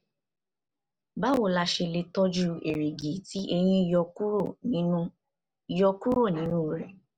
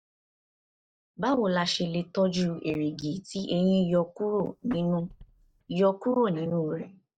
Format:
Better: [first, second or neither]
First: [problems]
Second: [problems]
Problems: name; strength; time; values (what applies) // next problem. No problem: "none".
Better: first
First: none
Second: noise reduction (neural mask model DeepFilterNet 3)